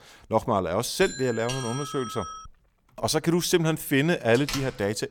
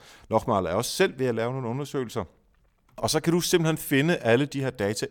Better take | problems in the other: second | doorbell; noticeable; from 1 to 2.5 s; peak 8 dB below the speech // door banging; noticeable; at 4.5 s; peak 7 dB below the speech

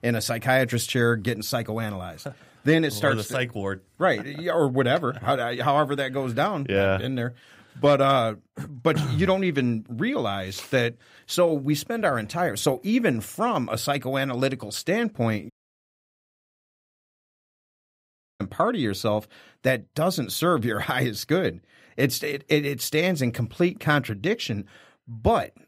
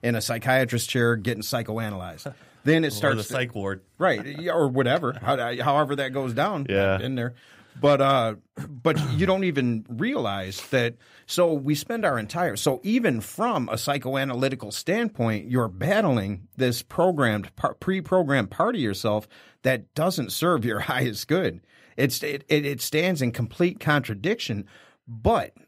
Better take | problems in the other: second | audio cutting out; at 16 s for 3 s

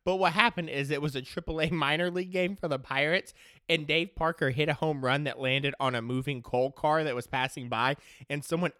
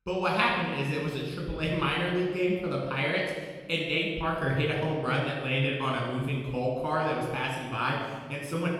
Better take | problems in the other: first | off-mic speech; far // room echo; noticeable; dies away in 1.2 s

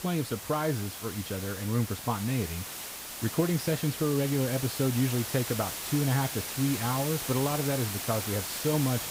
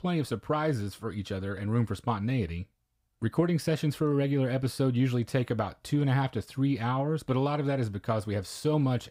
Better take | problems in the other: second | hiss; loud; throughout; 5 dB below the speech

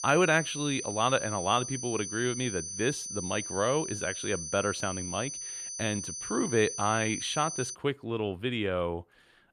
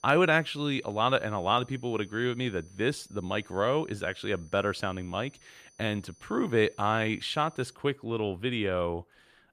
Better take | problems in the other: second | high-pitched whine; loud; until 7.5 s; 6 kHz, 5 dB below the speech; faint in the second

